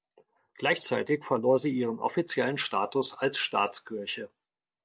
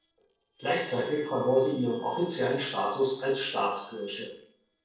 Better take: first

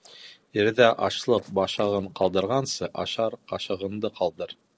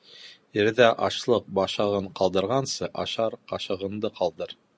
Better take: second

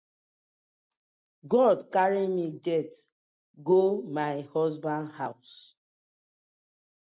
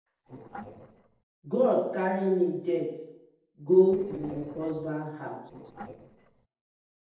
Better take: first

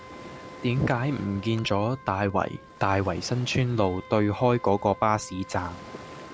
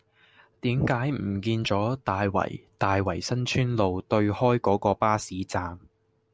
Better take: second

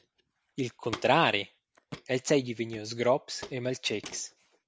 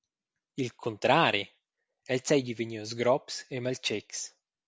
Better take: second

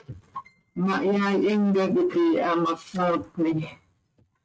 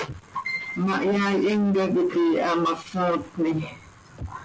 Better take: second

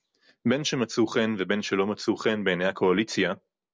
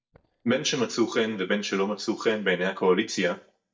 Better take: first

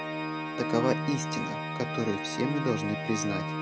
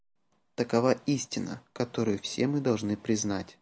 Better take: second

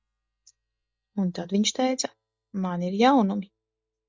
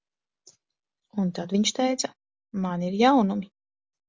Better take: second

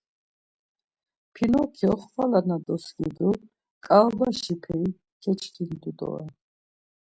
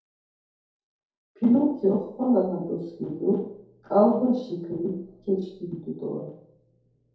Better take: first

